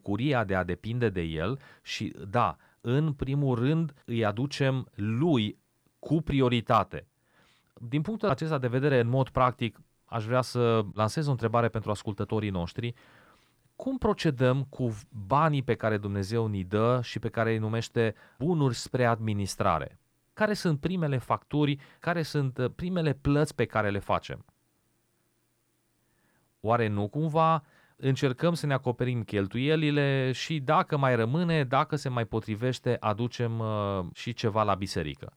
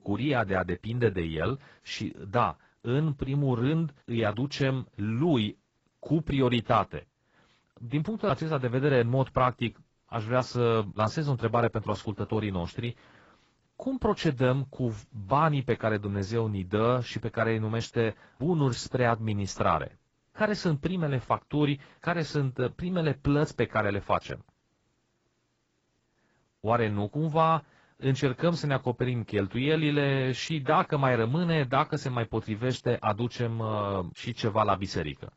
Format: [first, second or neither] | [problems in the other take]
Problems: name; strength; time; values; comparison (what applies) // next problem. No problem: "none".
first | garbled, watery; badly; nothing above 7.5 kHz